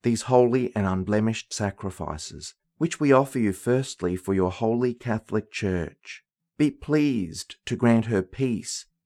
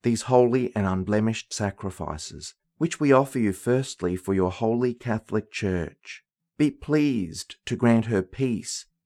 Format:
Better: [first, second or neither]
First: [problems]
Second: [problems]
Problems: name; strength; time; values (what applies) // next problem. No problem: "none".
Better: neither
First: none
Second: none